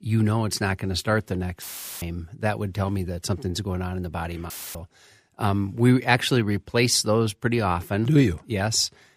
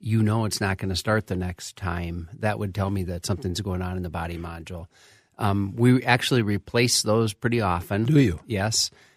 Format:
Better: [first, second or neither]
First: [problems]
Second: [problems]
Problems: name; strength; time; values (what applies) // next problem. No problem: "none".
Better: second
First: audio cutting out; filled with static; at 1.5 s and at 4.5 s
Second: none